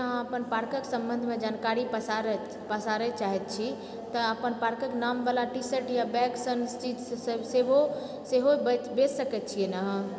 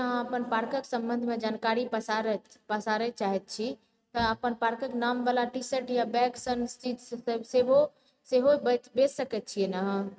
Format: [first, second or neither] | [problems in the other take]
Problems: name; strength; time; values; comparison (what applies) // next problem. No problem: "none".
first | noise reduction (neural mask model RNNoise)